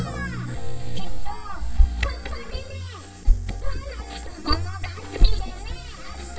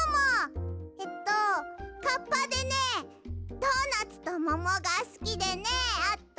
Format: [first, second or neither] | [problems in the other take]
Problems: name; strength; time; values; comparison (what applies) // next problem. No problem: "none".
second | noise reduction (neural mask model DeepFilterNet 3)